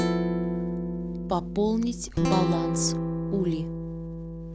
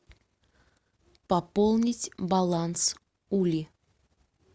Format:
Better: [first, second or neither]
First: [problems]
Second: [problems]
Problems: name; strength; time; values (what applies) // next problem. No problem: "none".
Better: second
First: background sound (Guitar); 2 dB above the speech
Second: none